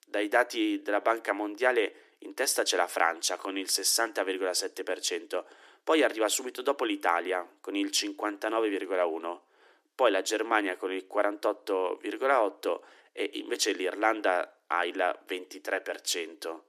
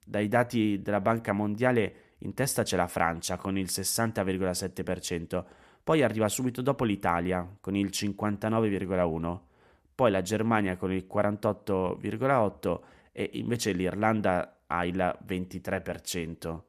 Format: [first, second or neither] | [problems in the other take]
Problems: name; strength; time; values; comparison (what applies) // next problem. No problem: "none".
second | thin; somewhat; fading below 300 Hz